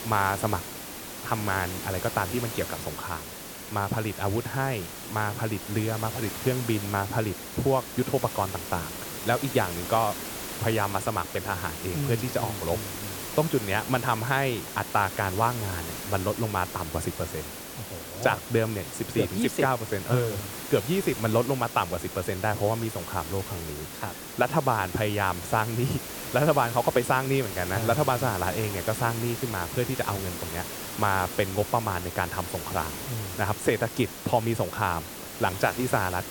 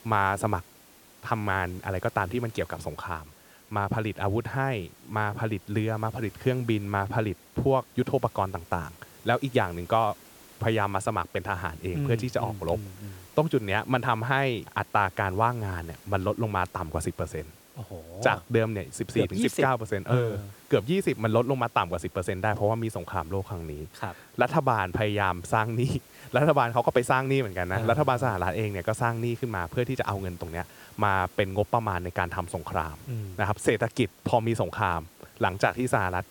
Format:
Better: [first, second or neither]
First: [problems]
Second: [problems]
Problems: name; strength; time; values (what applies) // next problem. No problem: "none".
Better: second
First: hiss; loud; throughout; 7 dB below the speech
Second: hiss; faint; throughout; 25 dB below the speech